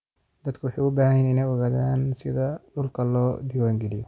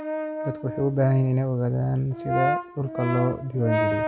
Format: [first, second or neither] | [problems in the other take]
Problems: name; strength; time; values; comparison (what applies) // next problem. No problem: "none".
first | background sound (Brass instrument); 4 dB below the speech